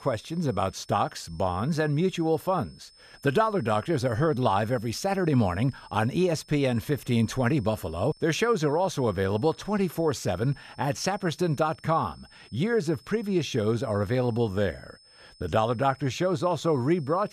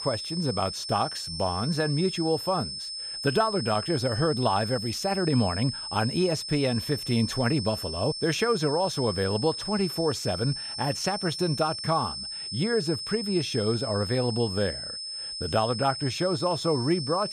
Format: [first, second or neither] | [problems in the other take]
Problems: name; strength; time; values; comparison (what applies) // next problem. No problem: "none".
first | high-pitched whine; loud; throughout; 5 kHz, 5 dB below the speech; faint in the first